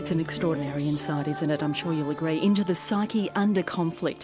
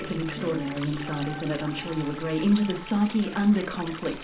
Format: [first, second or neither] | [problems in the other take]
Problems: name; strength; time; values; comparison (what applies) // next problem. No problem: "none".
first | background sound (Stream); 15 dB below the speech // room echo; dies away in 0.4 s